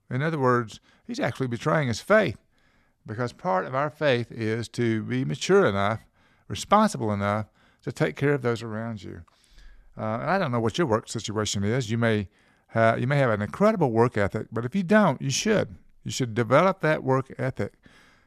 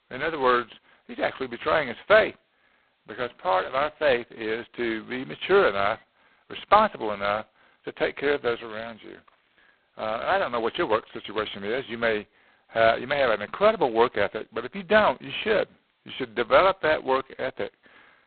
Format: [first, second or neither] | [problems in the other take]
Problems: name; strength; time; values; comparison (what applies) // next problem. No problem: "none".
first | phone-call audio; poor line; nothing above 4 kHz